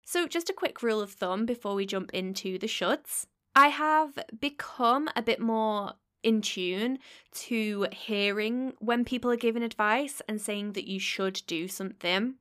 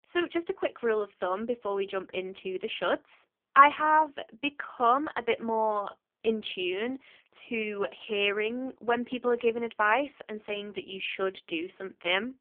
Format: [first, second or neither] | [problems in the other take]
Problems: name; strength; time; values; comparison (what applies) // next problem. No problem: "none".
first | phone-call audio; poor line; nothing above 3 kHz